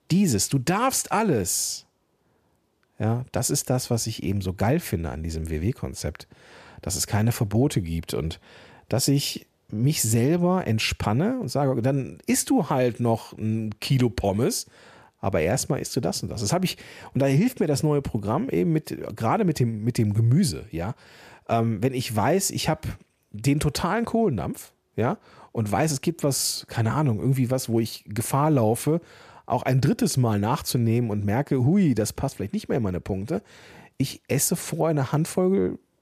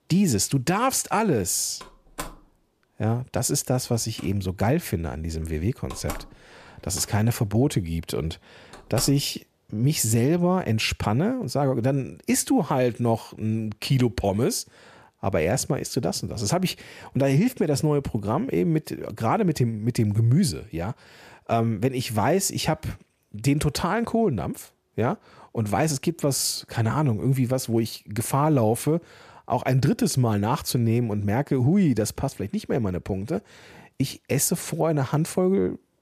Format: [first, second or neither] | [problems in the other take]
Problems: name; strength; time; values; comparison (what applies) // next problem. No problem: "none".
first | door banging; faint; from 2 to 9 s; peak 10 dB below the speech